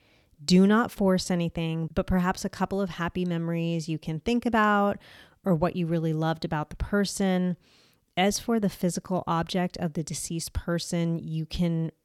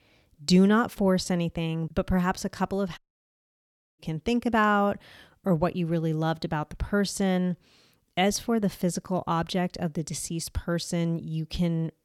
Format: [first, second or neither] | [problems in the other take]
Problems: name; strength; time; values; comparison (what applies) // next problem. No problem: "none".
first | audio cutting out; at 3 s for 1 s